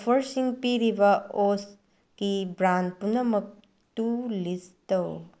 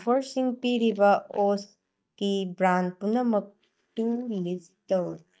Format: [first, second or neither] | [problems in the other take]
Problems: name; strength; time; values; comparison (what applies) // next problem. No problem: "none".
first | noise reduction (neural mask model DeepFilterNet 3)